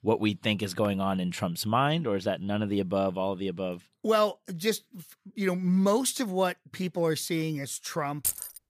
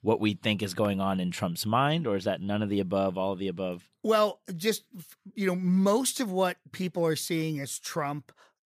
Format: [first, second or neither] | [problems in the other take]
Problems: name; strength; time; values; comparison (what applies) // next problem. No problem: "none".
second | jangling keys; noticeable; at 8 s; peak 1 dB below the speech